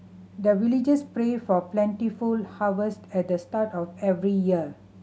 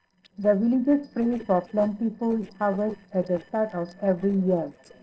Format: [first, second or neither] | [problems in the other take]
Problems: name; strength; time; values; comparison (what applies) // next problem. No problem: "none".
first | noise reduction (neural separator model SepFormer DNS4)